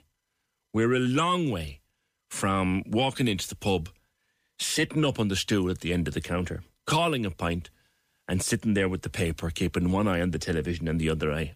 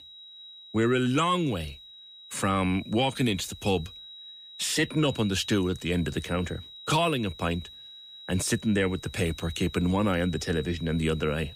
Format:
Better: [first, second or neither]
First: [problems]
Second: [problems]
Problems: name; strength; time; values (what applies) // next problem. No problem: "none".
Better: first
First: none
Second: high-pitched whine; noticeable; throughout; 4 kHz, 15 dB below the speech